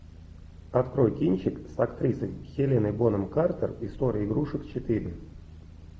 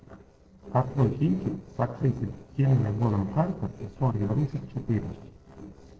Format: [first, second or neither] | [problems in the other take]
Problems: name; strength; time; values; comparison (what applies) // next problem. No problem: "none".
first | noise reduction (neural separator model SepFormer DNS4)